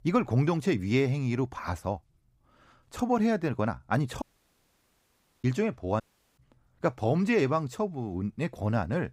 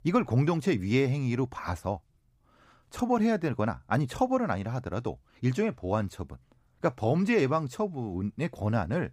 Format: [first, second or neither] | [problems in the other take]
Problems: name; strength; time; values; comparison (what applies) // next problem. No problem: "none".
second | audio cutting out; at 4 s for 1 s and at 6 s